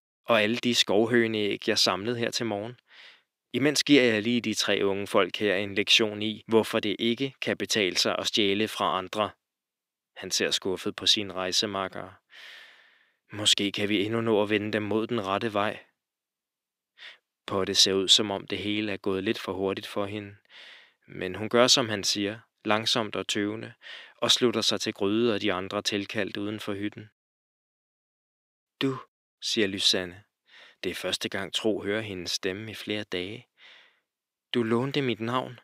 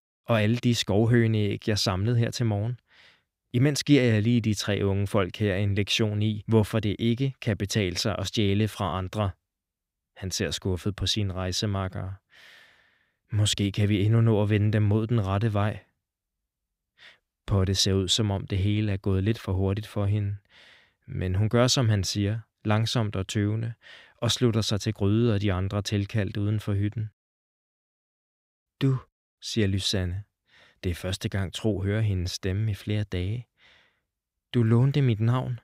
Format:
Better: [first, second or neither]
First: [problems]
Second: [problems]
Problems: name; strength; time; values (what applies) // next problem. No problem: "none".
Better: second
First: thin; somewhat; fading below 350 Hz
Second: none